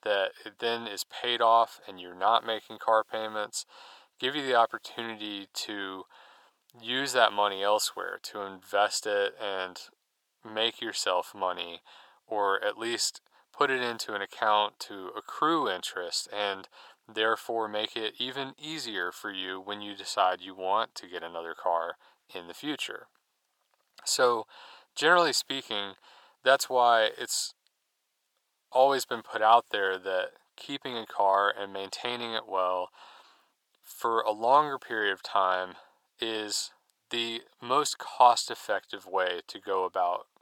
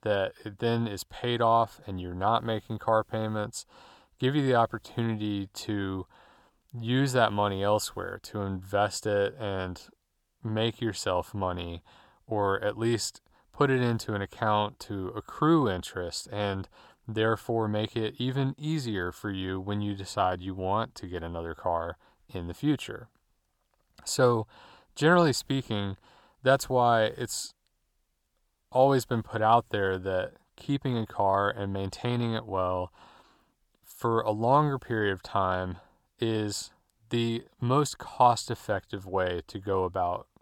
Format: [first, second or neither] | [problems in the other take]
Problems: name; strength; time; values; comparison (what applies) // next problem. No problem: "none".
second | thin; very; fading below 550 Hz